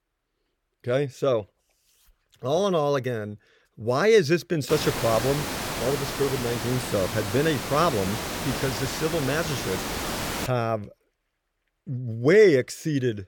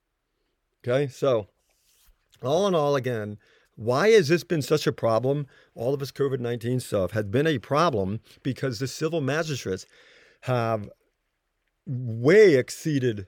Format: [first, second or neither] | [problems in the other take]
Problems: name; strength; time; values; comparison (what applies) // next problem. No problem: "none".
second | hiss; loud; from 4.5 to 10 s; 5 dB below the speech